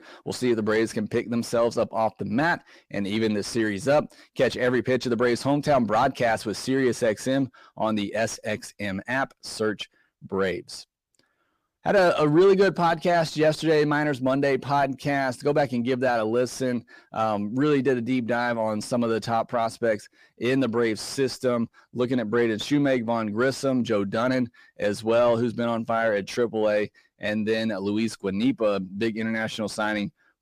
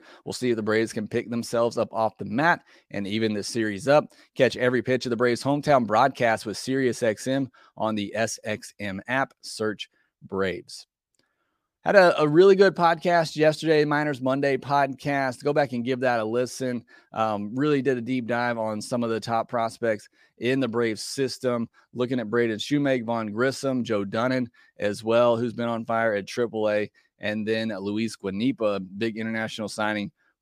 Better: second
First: distortion; slight; 10 dB below the speech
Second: none

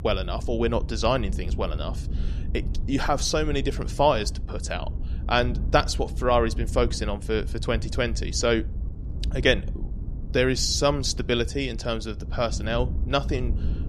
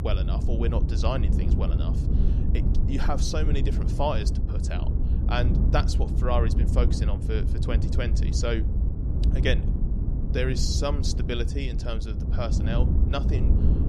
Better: first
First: low rumble; faint; throughout; 20 dB below the speech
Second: low rumble; loud; throughout; 7 dB below the speech

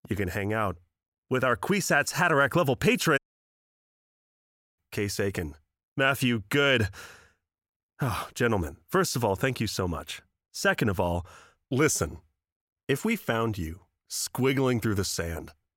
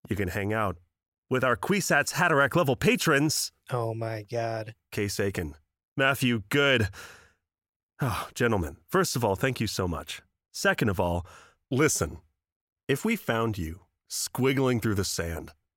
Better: second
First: audio cutting out; at 3 s for 1.5 s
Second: none

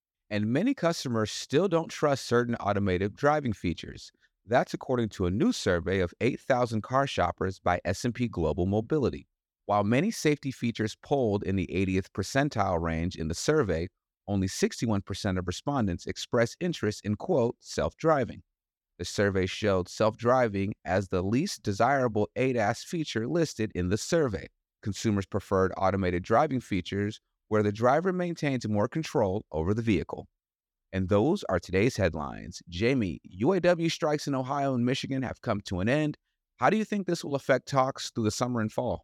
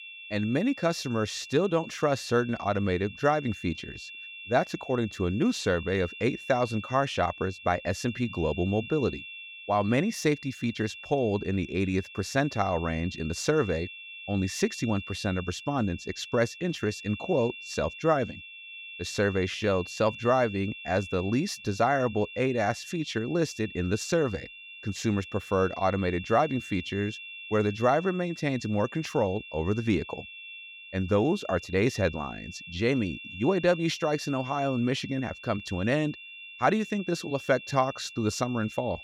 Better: first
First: none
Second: high-pitched whine; noticeable; throughout; 2.5 kHz, 15 dB below the speech

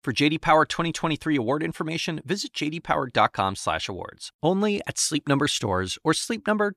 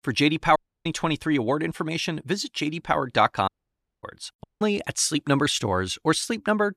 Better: first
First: none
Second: audio cutting out; at 0.5 s, at 3.5 s for 0.5 s and at 4.5 s

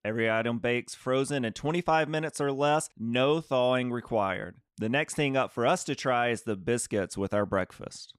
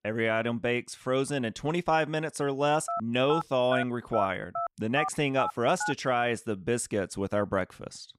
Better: first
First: none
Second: phone ringing; noticeable; from 3 to 6 s; peak 6 dB below the speech

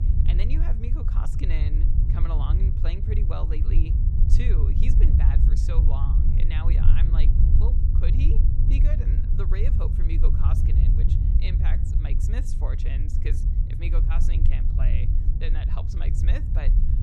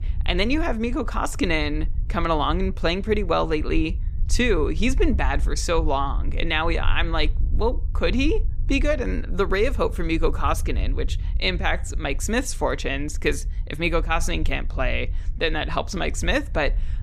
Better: second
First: low rumble; loud; throughout; as loud as the speech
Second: low rumble; faint; throughout; 25 dB below the speech

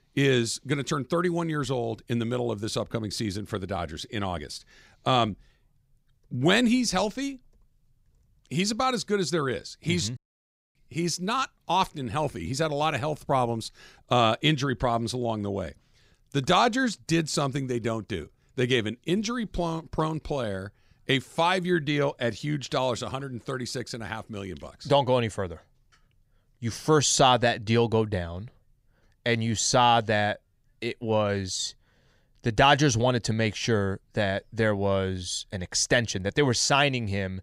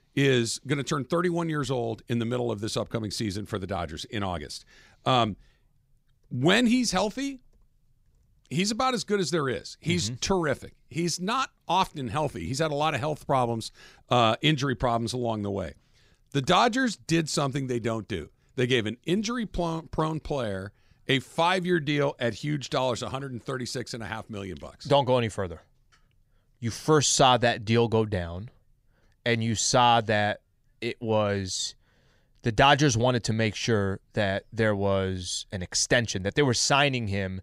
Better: second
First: audio cutting out; at 10 s for 0.5 s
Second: none

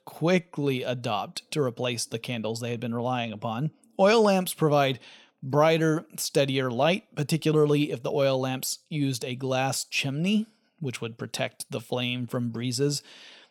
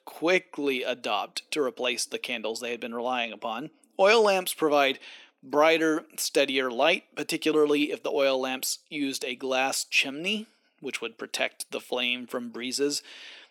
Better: first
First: none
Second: thin; very slightly; fading below 300 Hz

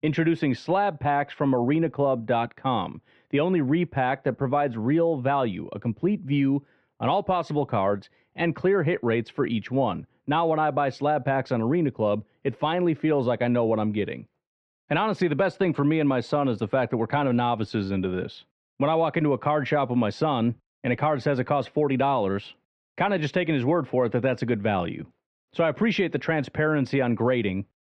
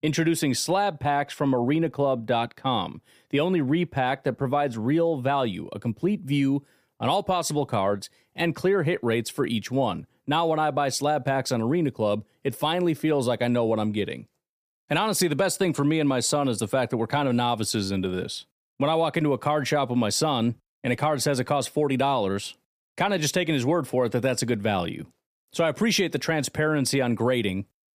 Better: second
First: muffled; very; fading above 2.5 kHz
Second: none

